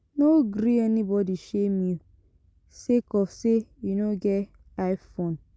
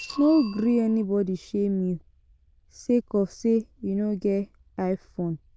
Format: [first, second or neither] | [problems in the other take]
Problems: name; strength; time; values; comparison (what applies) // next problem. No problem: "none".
first | noise reduction (neural diffusion model UNIVERSE++)